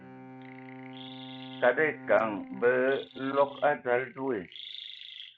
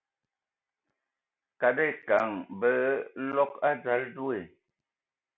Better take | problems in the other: second | noise reduction (neural mask model RNNoise)

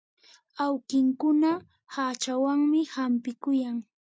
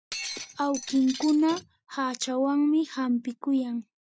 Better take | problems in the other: first | background sound (Shatter); 12 dB below the speech

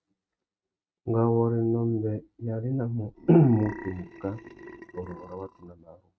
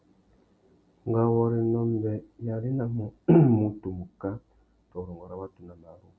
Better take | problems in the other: second | noise reduction (neural mask model RNNoise)

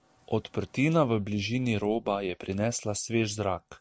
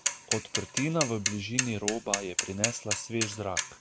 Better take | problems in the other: first | background sound (Mechanisms / Bicycle); as loud as the speech

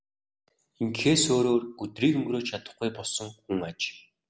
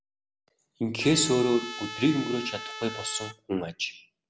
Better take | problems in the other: first | background sound (Trumpet); 10 dB below the speech

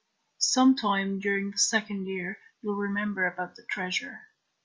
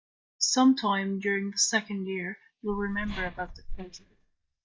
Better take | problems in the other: first | noise reduction (neural mask model DeepFilterNet 3)

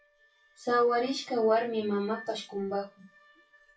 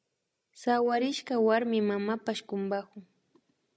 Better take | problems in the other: second | noise reduction (classical method WPE with log-MMSE)

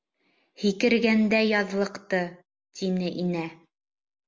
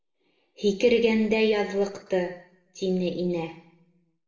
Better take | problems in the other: first | room echo; dies away in 0.6 s

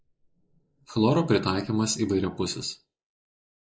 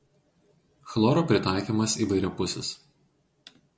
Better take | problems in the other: second | noise reduction (neural mask model Resemble Enhance denoiser)

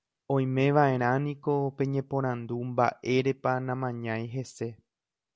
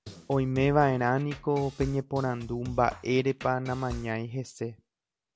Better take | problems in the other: first | background sound (Drum kit); 15 dB below the speech

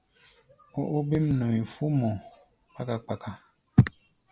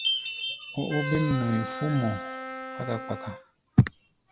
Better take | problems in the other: first | background sound (Wind instrument, woodwind instrument + Chime); 6 dB below the speech

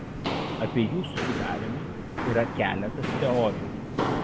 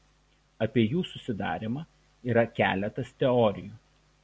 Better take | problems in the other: second | background sound (Walk, footsteps); 1 dB below the speech

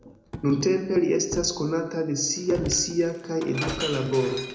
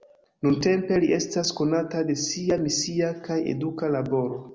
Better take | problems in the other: second | background sound (Shatter); 12 dB below the speech // room echo; dies away in 0.7 s

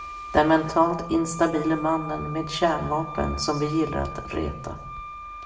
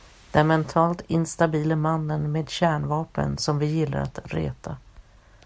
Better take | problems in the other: second | background sound (Wind instrument, woodwind instrument); 12 dB below the speech // room echo; dies away in 0.7 s

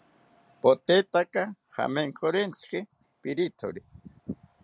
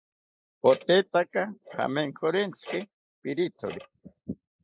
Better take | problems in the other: first | noise reduction (neural mask model Resemble Enhance denoiser)

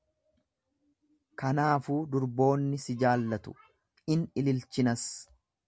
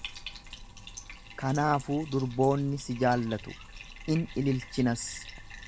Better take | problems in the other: first | background sound (Bathtub (filling or washing)); 14 dB below the speech

